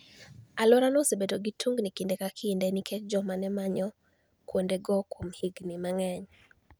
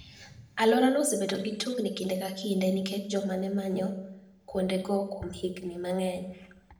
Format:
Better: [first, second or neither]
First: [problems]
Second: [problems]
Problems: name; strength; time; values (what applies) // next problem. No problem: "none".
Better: first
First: none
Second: room echo; dies away in 0.6 s